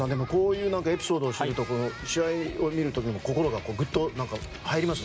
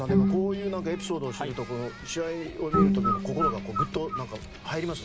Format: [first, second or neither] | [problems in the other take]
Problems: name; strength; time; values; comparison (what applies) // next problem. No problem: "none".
first | background sound (Bowed string instrument + Bird); 3 dB above the speech